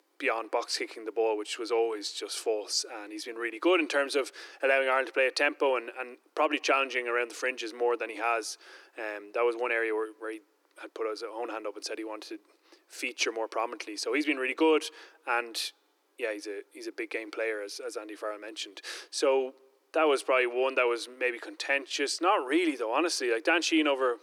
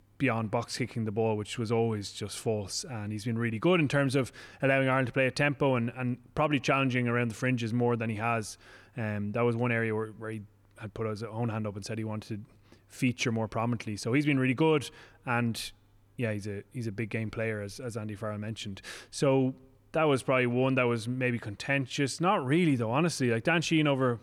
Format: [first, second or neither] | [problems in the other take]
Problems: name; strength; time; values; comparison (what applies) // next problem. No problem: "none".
second | thin; very; fading below 300 Hz